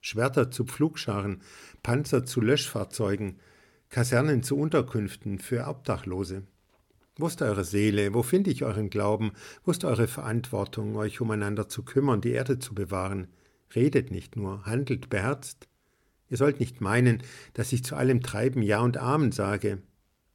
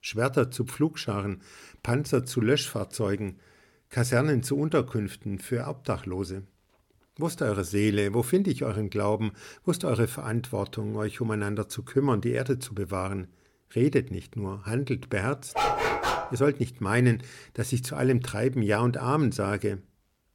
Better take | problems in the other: first | dog barking; loud; at 16 s; peak 3 dB above the speech

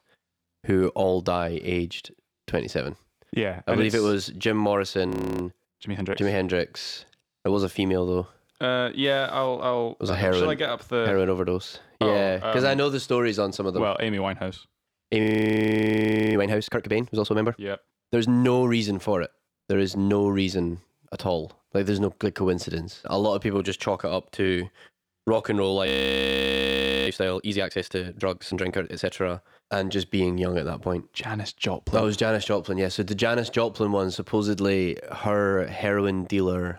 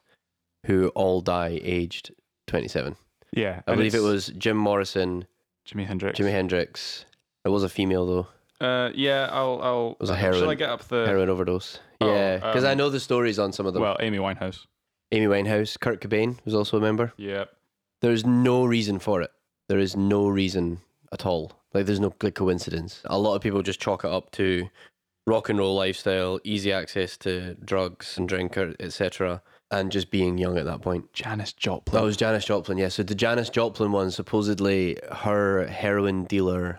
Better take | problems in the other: second | audio freezing; at 5 s, at 15 s for 1 s and at 26 s for 1 s

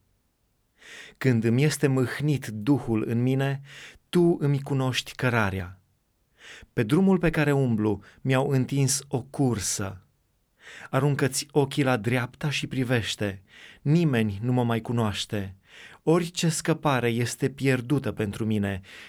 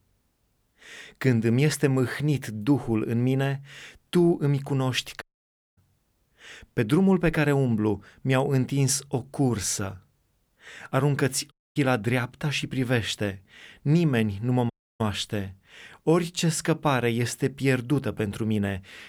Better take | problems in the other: first | audio cutting out; at 5 s for 0.5 s, at 12 s and at 15 s

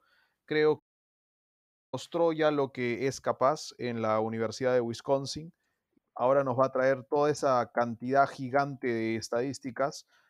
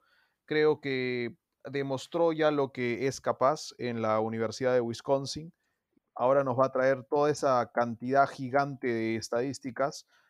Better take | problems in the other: second | audio cutting out; at 1 s for 1 s

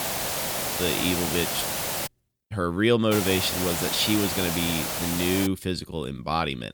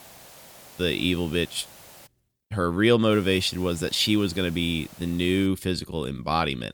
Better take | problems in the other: second | hiss; loud; until 2 s and from 3 to 5.5 s; 1 dB below the speech; faint in the second

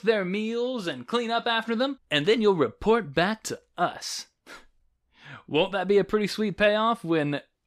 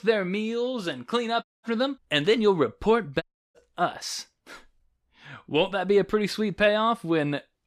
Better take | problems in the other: first | audio cutting out; at 1.5 s and at 3 s

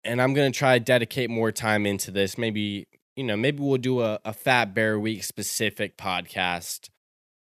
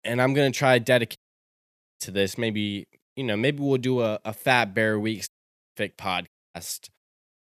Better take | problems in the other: first | audio cutting out; at 1 s for 1 s, at 5.5 s and at 6.5 s

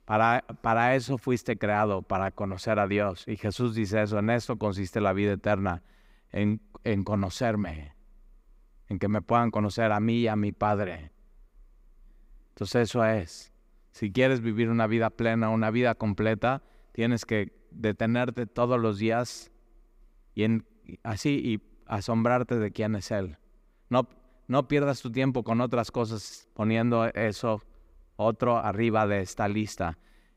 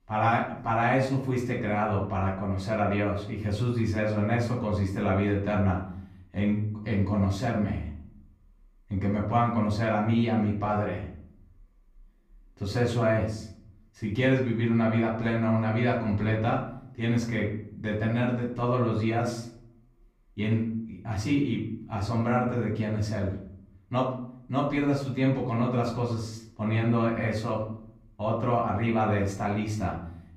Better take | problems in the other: first | off-mic speech; far // room echo; slight; dies away in 0.6 s

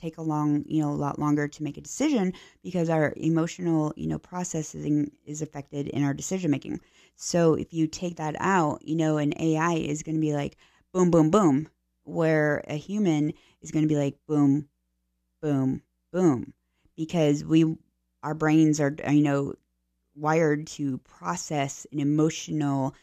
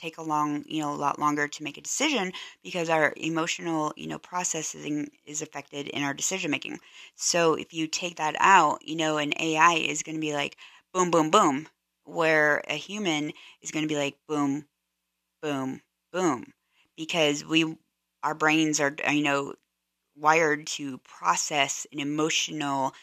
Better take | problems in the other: first | thin; somewhat; fading below 1 kHz

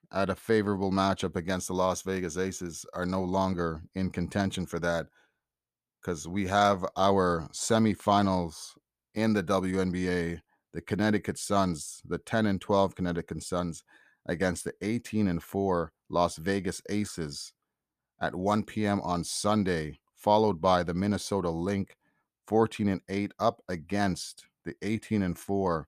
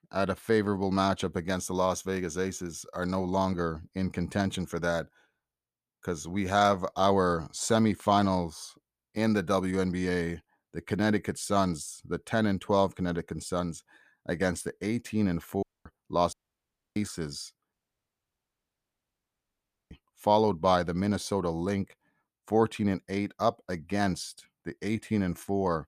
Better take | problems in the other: first | audio cutting out; at 16 s for 0.5 s and at 18 s for 2 s

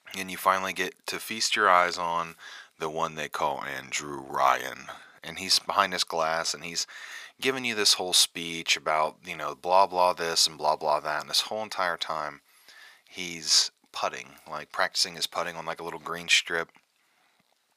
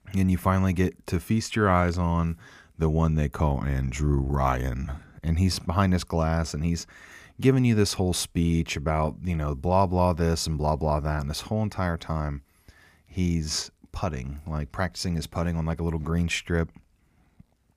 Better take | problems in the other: second | thin; very; fading below 750 Hz

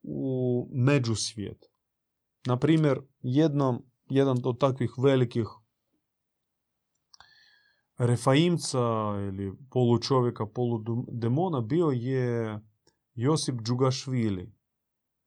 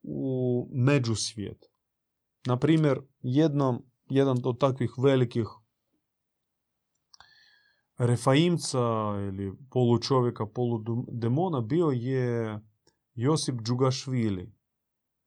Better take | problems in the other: neither | none

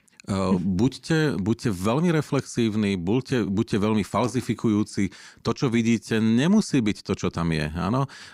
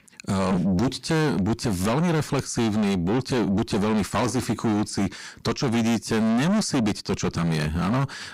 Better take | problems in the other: first | distortion; heavy; 6 dB below the speech

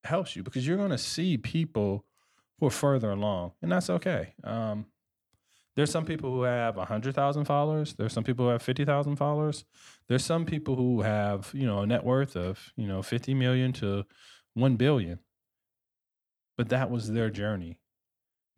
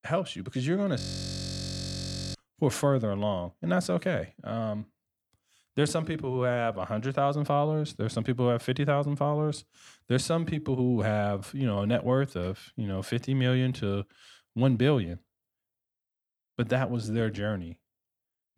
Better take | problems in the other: first | audio freezing; at 1 s for 1.5 s

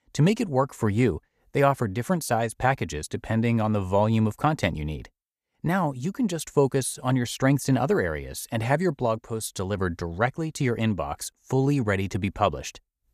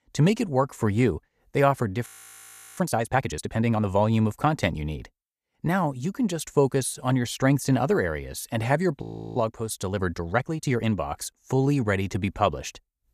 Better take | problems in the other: first | audio freezing; at 2 s for 0.5 s and at 9 s

